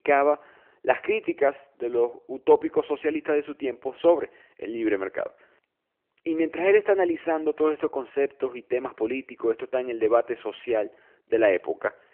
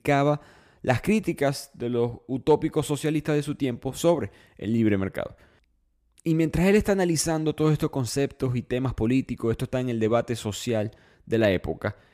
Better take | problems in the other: second | phone-call audio

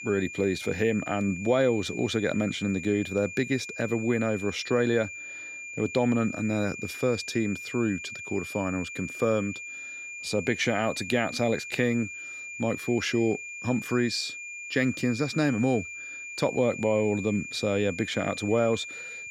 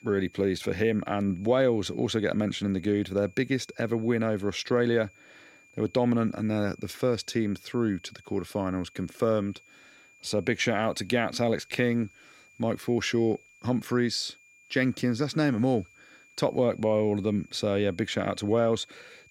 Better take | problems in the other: second | high-pitched whine; loud; throughout; 2.5 kHz, 9 dB below the speech; faint in the second

